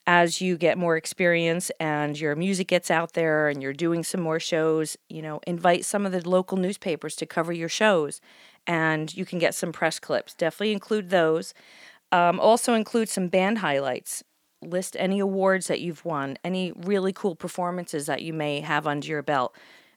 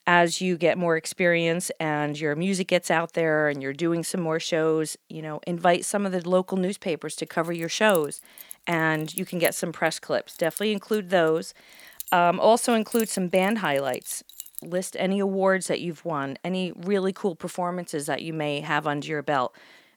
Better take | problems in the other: first | jangling keys; noticeable; from 7.5 to 15 s; peak 8 dB below the speech

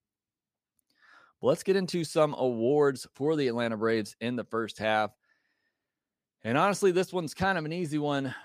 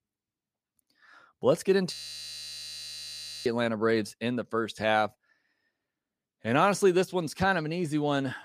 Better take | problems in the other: first | audio freezing; at 2 s for 1.5 s

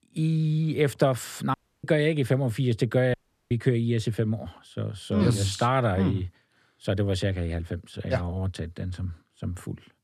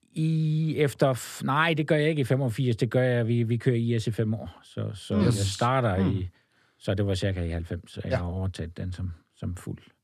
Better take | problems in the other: second | audio cutting out; at 1.5 s and at 3 s

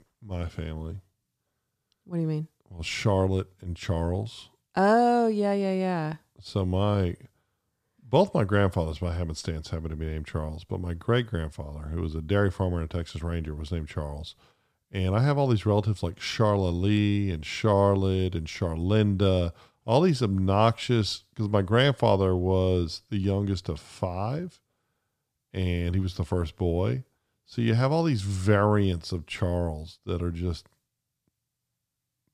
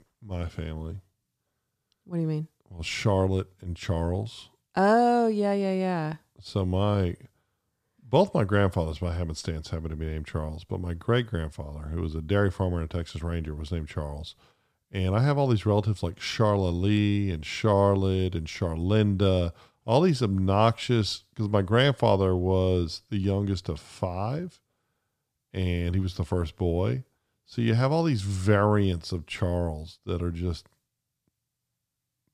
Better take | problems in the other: neither | none

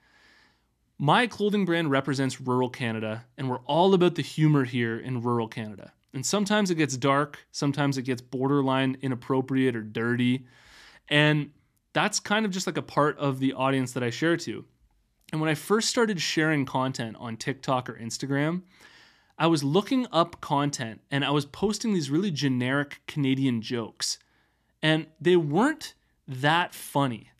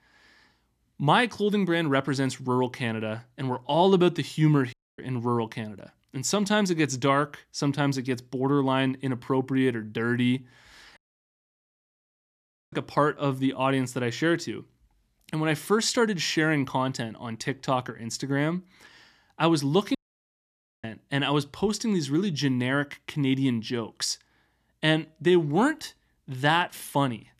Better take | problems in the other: first | audio cutting out; at 4.5 s, at 11 s for 2 s and at 20 s for 1 s

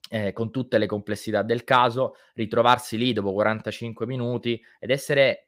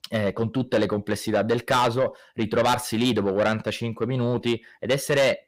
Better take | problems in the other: first | distortion; heavy; 7 dB below the speech

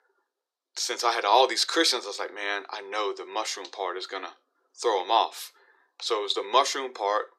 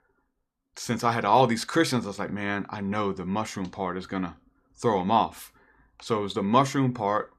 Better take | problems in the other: second | thin; very; fading below 350 Hz

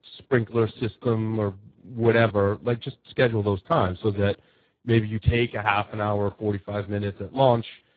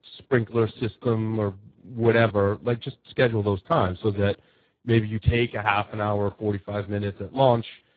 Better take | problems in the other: neither | garbled, watery; badly; the same in both

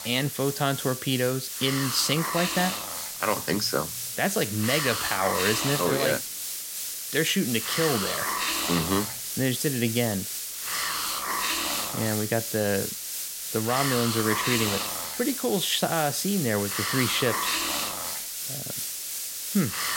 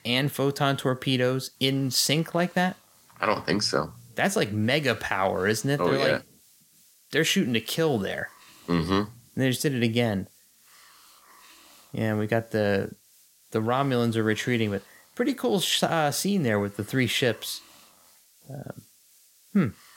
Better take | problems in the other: second | hiss; loud; throughout; 2 dB below the speech; faint in the second

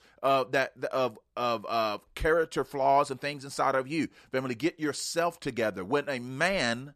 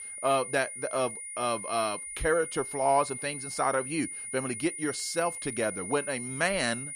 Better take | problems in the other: first | high-pitched whine; loud; throughout; 9.5 kHz, 6 dB below the speech

